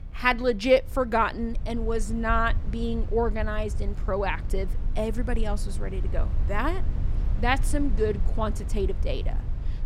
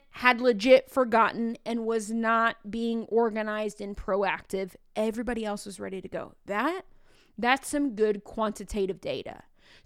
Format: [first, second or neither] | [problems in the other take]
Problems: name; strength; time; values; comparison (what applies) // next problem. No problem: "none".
second | low rumble; noticeable; throughout; 20 dB below the speech